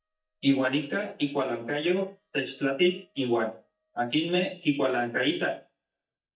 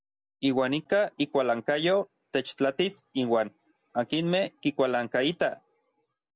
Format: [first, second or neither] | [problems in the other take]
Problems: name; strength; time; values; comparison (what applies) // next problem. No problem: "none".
second | noise reduction (neural mask model DeepFilterNet 3)